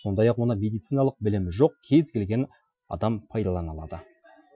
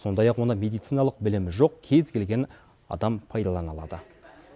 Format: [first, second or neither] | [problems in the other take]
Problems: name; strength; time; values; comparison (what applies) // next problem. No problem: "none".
second | noise reduction (classical method Wiener filter)